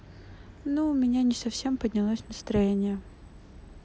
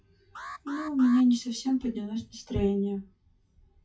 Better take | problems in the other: first | noise reduction (classical method WPE with log-MMSE)

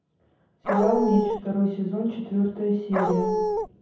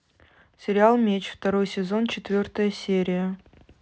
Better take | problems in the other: second | background sound (Dog); as loud as the speech // room echo; dies away in 0.9 s

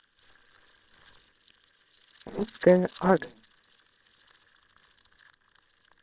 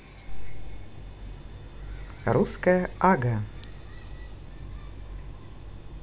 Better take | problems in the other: second | noise reduction (neural separator model SepFormer WHAMR!)

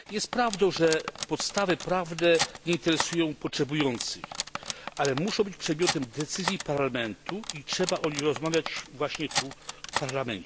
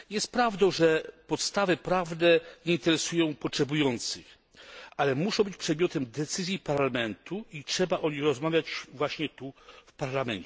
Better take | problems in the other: second | background sound (Cutlery, silverware); 8 dB below the speech

